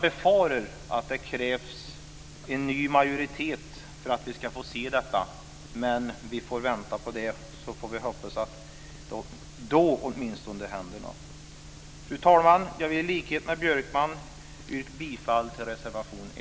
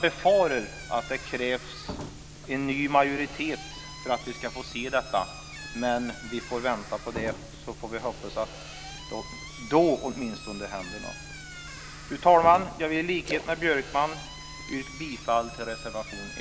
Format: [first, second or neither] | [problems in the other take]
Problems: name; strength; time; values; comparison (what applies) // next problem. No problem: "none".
first | background sound (Squeak / Slam + Splash, splatter); 15 dB below the speech